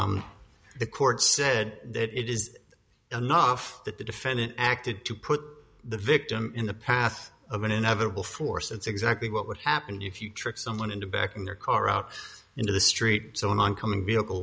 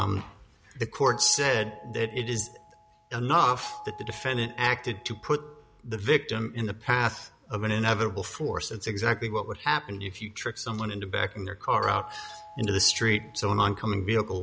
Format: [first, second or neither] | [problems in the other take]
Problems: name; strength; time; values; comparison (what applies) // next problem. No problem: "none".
first | background sound (Doorbell); 17 dB below the speech